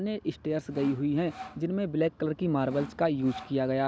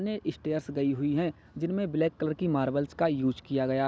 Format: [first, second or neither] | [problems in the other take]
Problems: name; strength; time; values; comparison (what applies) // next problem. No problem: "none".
second | background sound (Sawing); 16 dB below the speech